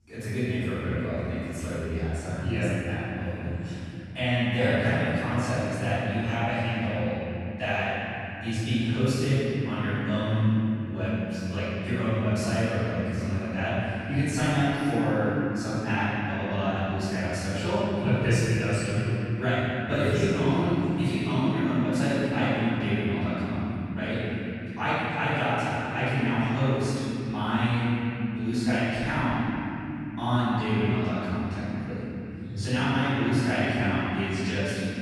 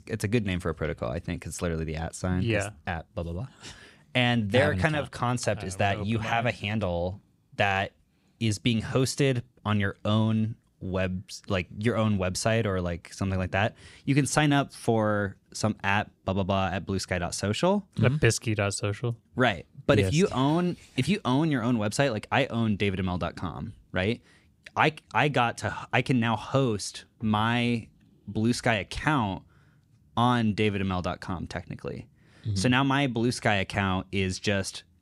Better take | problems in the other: second | off-mic speech; far // room echo; strong; dies away in 3 s

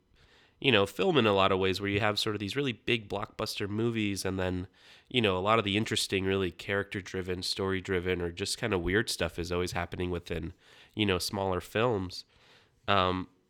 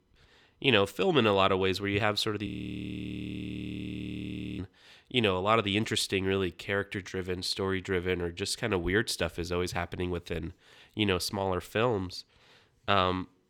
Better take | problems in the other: first | audio freezing; at 2.5 s for 2 s

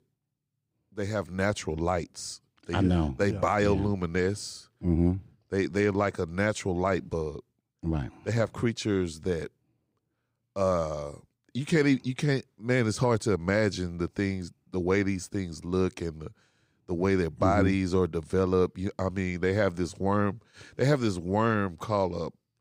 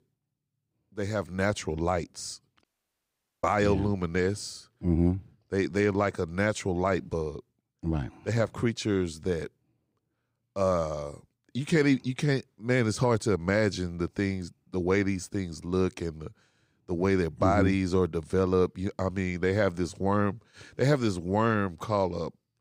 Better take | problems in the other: first | audio cutting out; at 2.5 s for 1 s

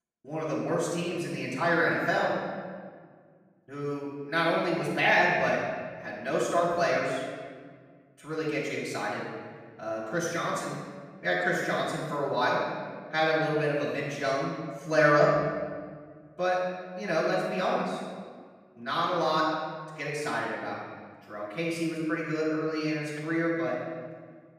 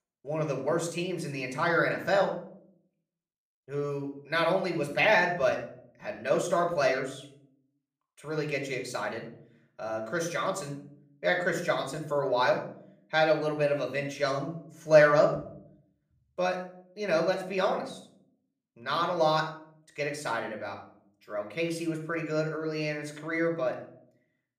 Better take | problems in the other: second | room echo; strong; dies away in 1.6 s; slight in the second // off-mic speech; far; somewhat distant in the second

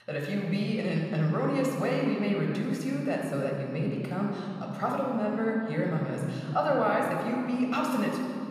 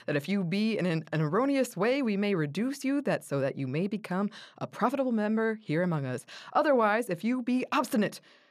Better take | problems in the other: second | off-mic speech; somewhat distant // room echo; noticeable; dies away in 2.5 s

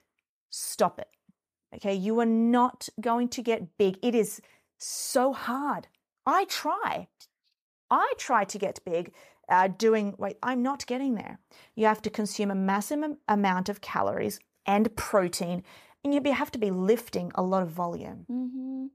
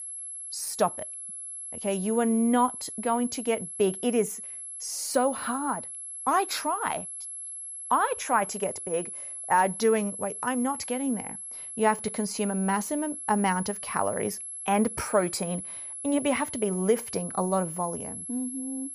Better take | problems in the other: first | high-pitched whine; loud; throughout; 11 kHz, 7 dB below the speech

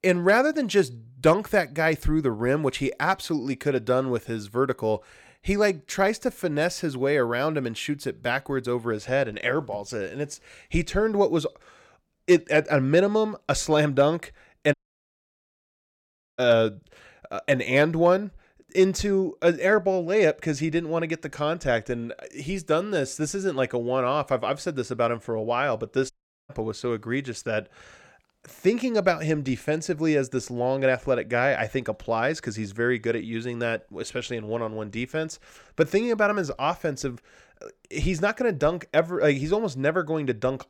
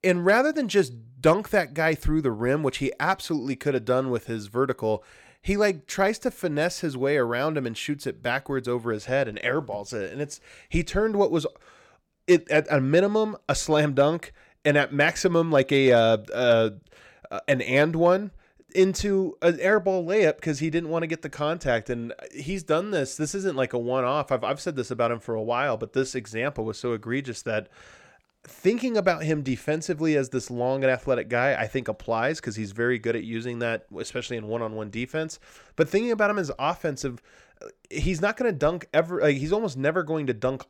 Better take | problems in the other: second | audio cutting out; at 15 s for 1.5 s and at 26 s

